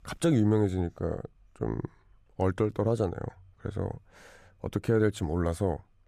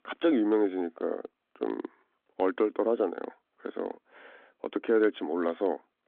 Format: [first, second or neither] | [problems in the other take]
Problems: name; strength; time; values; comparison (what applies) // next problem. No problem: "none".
first | phone-call audio; nothing above 3.5 kHz